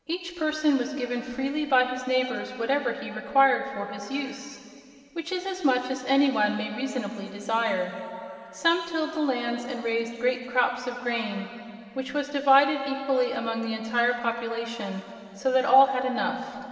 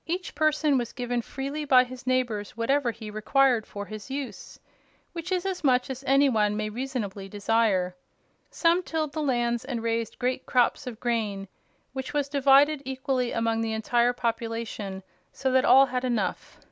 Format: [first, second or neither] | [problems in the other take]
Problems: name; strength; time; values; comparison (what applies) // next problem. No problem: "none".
second | room echo; dies away in 2.7 s